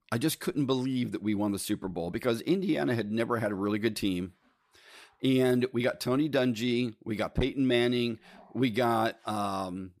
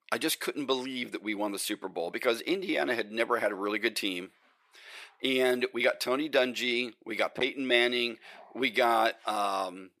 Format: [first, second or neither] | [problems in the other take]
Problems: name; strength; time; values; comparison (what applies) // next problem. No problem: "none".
first | thin; somewhat; fading below 500 Hz